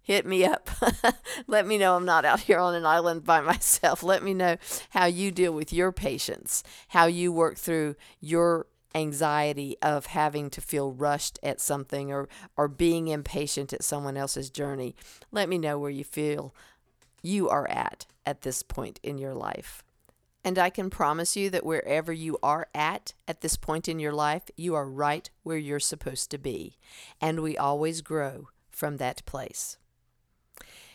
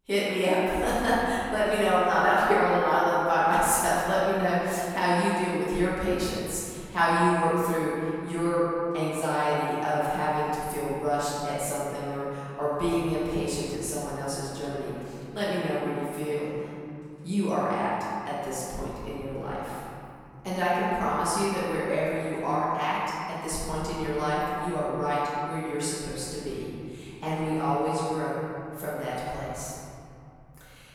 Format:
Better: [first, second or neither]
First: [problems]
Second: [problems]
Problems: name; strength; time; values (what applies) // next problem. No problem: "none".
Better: first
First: none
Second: off-mic speech; far // room echo; strong; dies away in 2.7 s